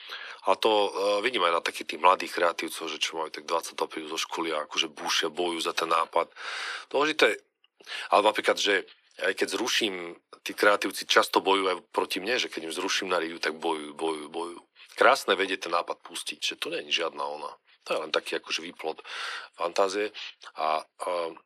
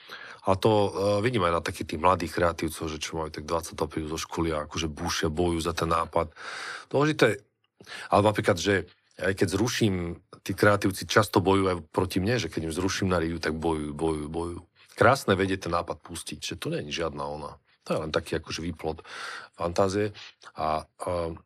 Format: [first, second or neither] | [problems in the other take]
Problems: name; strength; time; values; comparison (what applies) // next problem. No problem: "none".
second | thin; somewhat; fading below 350 Hz